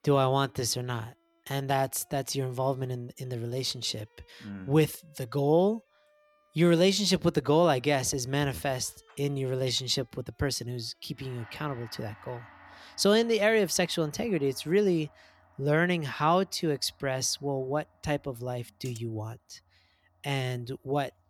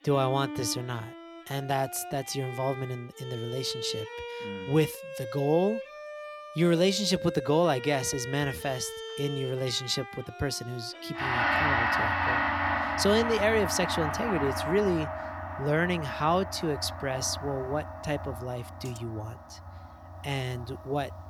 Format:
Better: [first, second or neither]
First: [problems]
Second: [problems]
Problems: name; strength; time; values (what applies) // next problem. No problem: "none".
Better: first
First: background music; faint; throughout; 30 dB below the speech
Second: background music; loud; throughout; 4 dB below the speech